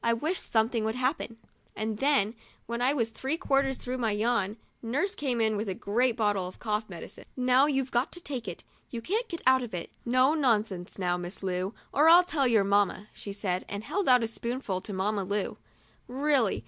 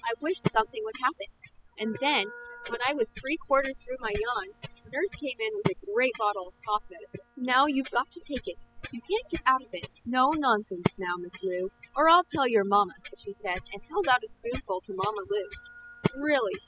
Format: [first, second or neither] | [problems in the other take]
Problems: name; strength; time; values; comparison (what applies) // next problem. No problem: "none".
first | noise reduction (classical method spectral subtraction)